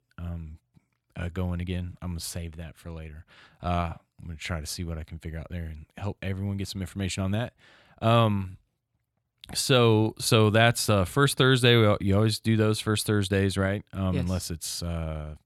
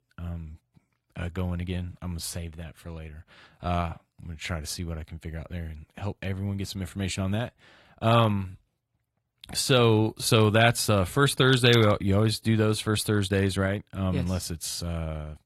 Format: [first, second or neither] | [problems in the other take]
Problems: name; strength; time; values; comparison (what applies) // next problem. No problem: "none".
first | garbled, watery; slightly